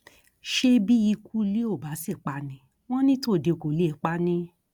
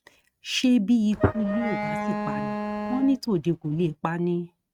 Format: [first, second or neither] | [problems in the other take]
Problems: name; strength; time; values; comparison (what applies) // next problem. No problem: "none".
first | noise reduction (neural mask model RNNoise)